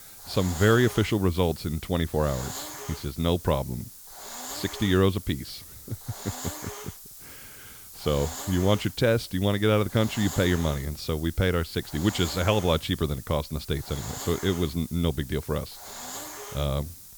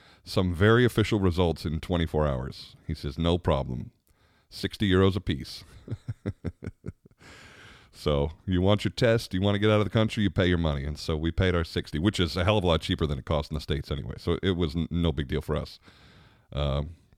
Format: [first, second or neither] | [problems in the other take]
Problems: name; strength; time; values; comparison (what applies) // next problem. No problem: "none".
second | hiss; noticeable; throughout; 10 dB below the speech